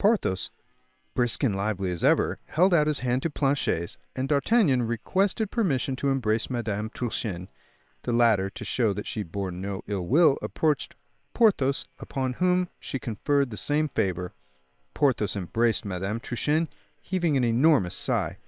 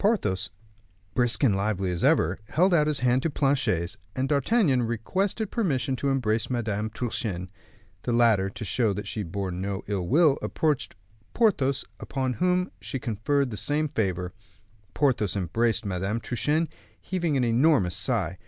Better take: second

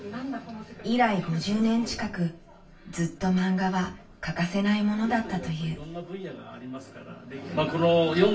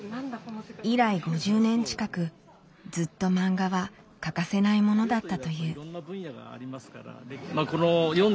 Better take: second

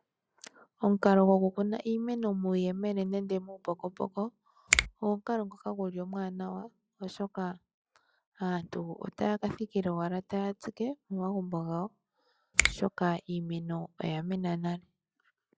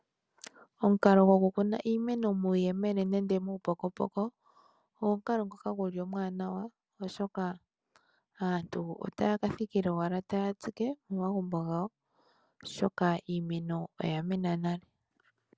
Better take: second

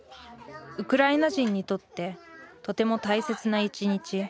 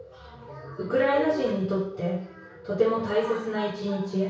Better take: first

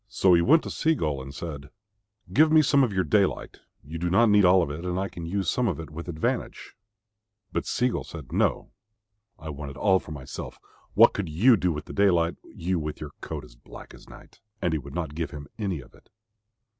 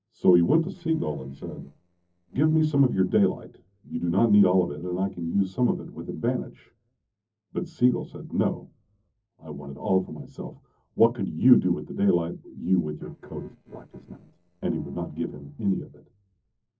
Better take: first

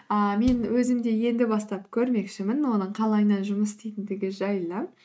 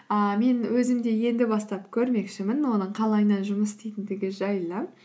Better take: second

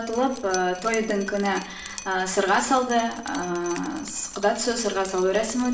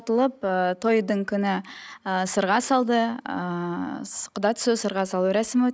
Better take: second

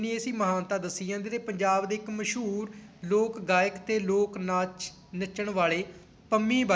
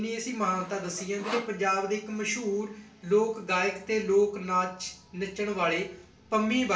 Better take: first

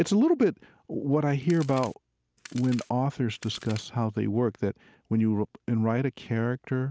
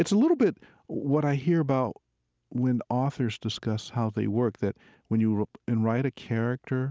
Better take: second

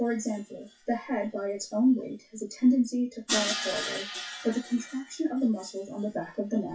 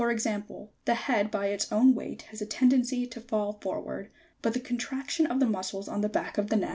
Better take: second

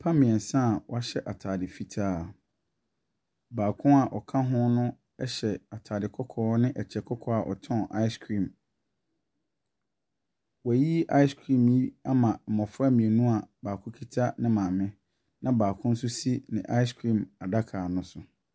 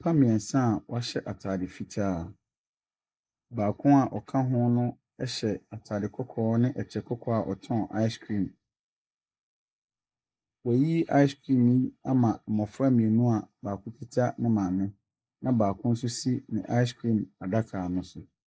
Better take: first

